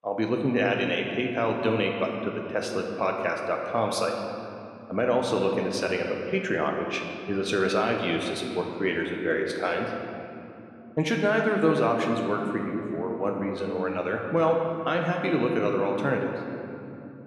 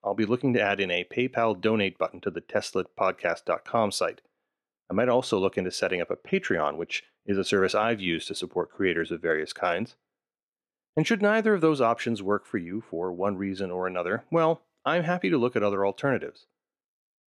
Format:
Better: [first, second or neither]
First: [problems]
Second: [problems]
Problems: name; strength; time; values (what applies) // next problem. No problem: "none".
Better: second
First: room echo; noticeable; dies away in 2.5 s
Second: none